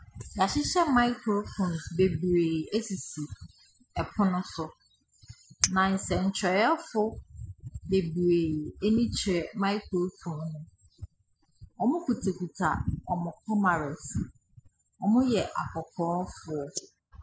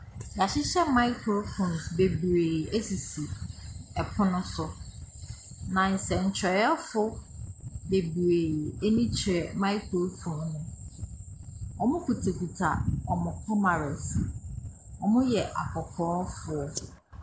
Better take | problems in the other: second | noise reduction (classical method spectral subtraction)

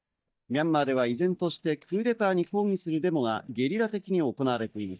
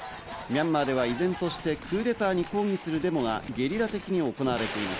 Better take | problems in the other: second | noise reduction (neural mask model DeepFilterNet 3)

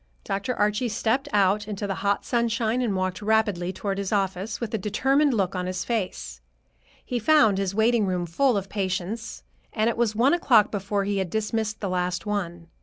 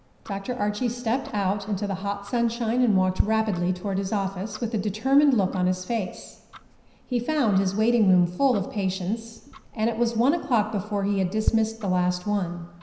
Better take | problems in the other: first | background sound (Tick-tock); 13 dB below the speech // room echo; dies away in 0.9 s

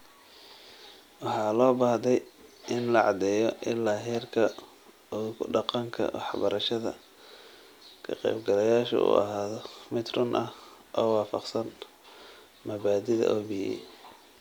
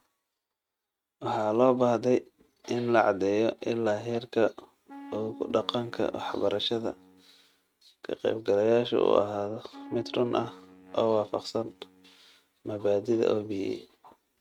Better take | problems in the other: first | noise reduction (neural mask model RNNoise)

